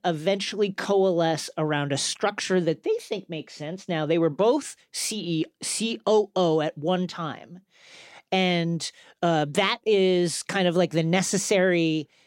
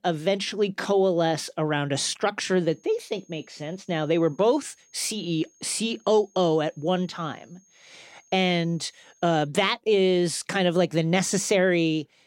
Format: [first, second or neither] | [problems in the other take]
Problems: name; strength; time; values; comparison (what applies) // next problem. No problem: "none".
first | high-pitched whine; faint; from 2.5 to 9.5 s; 6.5 kHz, 35 dB below the speech